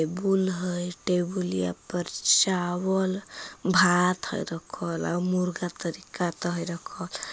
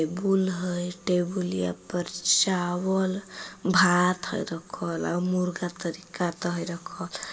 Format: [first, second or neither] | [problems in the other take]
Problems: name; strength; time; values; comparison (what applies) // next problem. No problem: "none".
first | room echo; dies away in 2.1 s